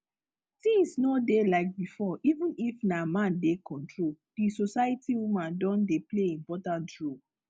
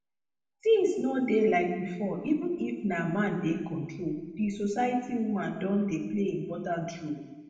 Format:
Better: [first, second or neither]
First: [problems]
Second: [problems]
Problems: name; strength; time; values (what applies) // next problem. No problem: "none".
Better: first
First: none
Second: room echo; dies away in 1 s